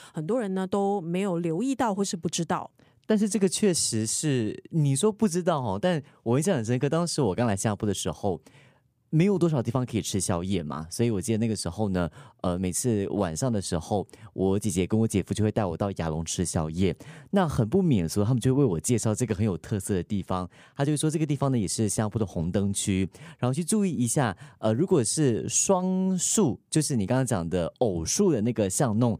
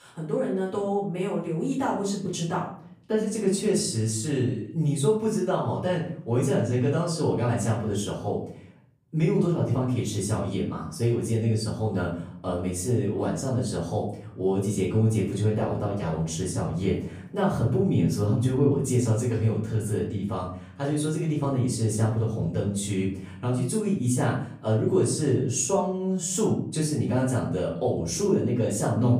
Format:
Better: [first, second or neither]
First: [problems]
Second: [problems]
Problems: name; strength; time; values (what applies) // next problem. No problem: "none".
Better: first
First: none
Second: off-mic speech; far // room echo; noticeable; dies away in 0.5 s